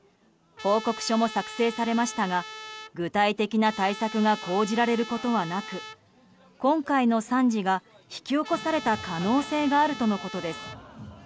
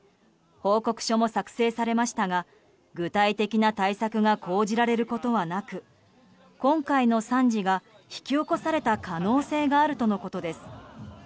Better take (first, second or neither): second